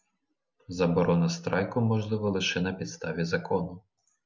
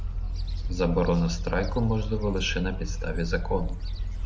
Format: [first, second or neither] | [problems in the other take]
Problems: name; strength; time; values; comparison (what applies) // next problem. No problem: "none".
first | background sound (Gull, seagull); 1 dB below the speech